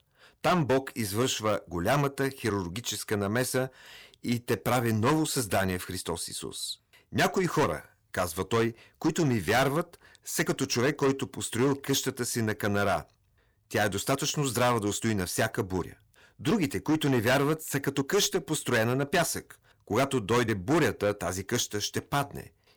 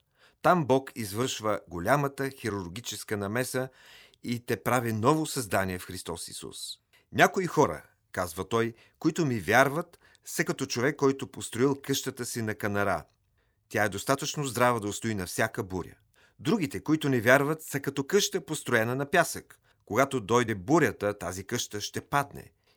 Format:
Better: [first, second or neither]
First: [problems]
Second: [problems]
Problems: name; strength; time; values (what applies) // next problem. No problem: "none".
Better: second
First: distortion; heavy; 8% of the sound clipped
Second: none